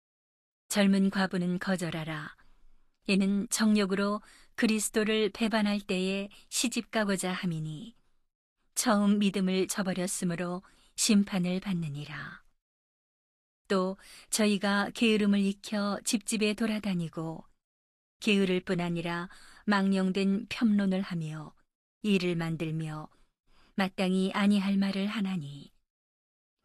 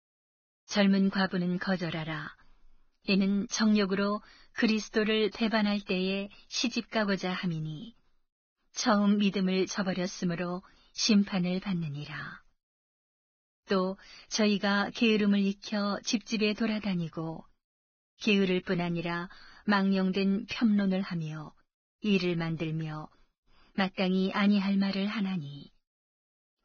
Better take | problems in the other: first | garbled, watery; badly; nothing above 6.5 kHz; slightly in the first

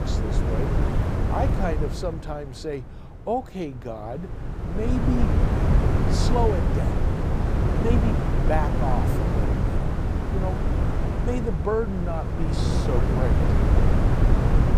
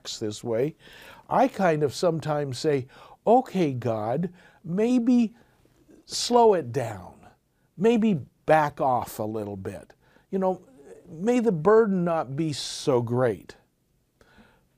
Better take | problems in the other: second | wind noise on the microphone; heavy; as loud as the speech

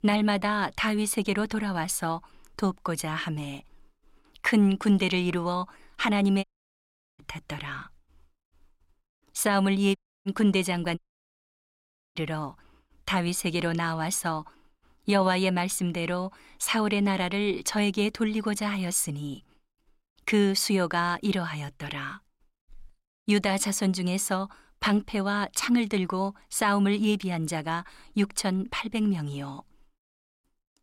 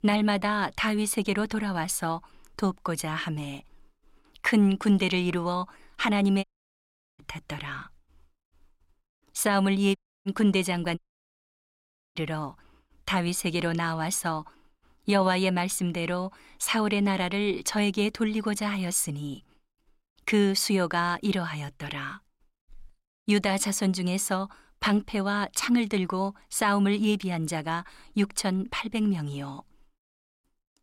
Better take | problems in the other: neither | audio cutting out; at 6.5 s for 0.5 s, at 10 s and at 11 s for 1 s; the same in both

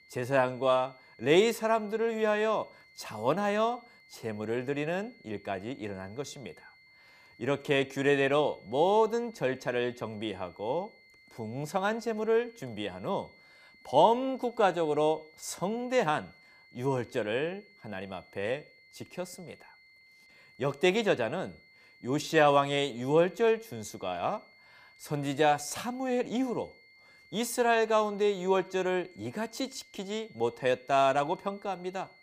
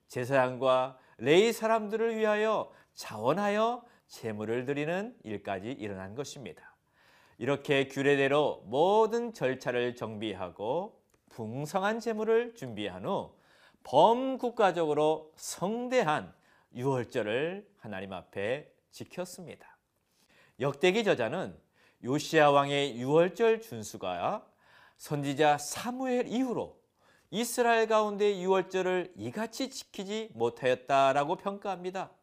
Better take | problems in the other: second | high-pitched whine; faint; throughout; 2 kHz, 25 dB below the speech

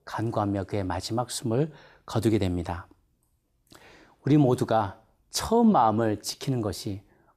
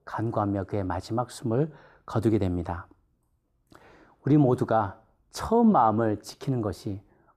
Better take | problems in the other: first | muffled; slightly; fading above 1.5 kHz

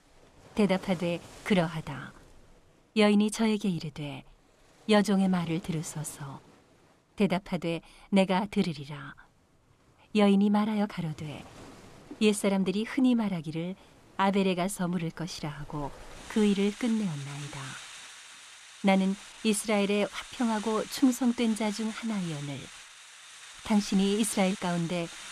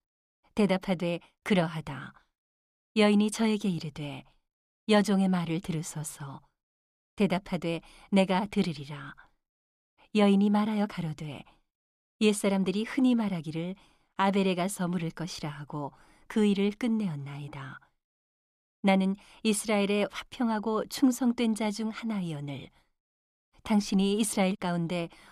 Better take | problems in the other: second | rain or running water; noticeable; throughout; 15 dB below the speech

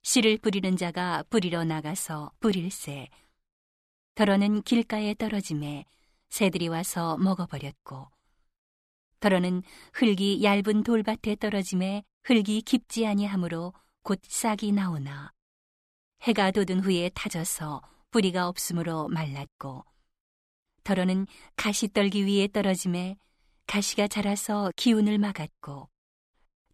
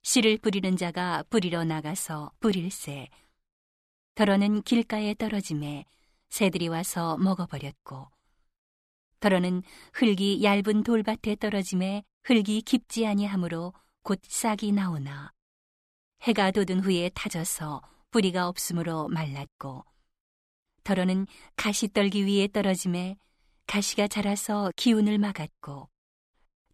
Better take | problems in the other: neither | none

